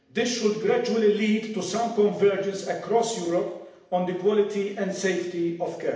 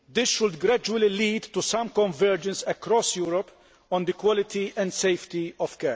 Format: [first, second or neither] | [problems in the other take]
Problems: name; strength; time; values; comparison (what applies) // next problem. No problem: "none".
second | room echo; dies away in 0.8 s